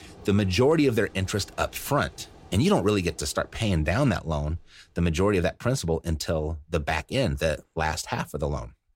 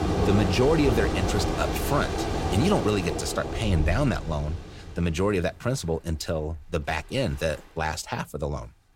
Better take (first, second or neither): first